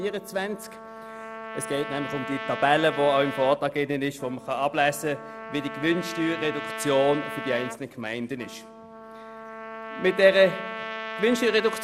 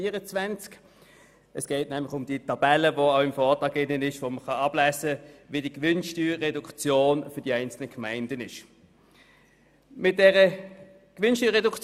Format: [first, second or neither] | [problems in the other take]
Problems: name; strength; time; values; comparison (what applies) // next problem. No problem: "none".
second | background sound (Trumpet); 10 dB below the speech